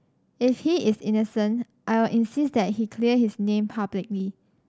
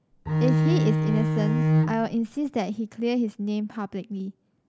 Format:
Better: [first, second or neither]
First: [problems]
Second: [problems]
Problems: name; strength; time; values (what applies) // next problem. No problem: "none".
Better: first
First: none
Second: background sound (Bowed string instrument); 5 dB above the speech